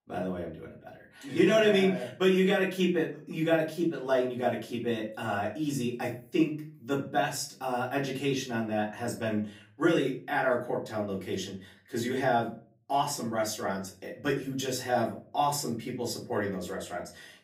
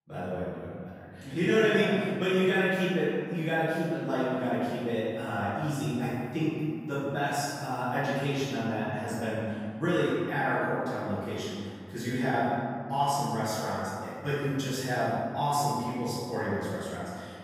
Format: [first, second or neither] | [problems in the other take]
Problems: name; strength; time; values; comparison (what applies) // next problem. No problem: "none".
first | room echo; strong; dies away in 2.5 s; slight in the first // off-mic speech; far; far in the first